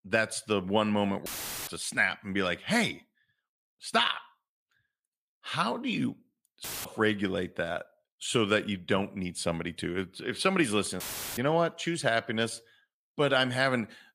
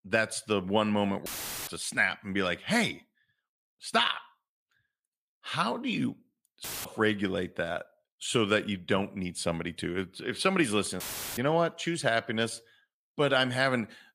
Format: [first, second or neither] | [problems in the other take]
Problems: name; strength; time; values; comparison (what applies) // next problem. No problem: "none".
neither | audio cutting out; filled with static; at 1.5 s, at 6.5 s and at 11 s; the same in both